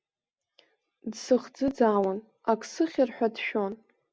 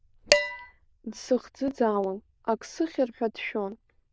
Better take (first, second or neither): first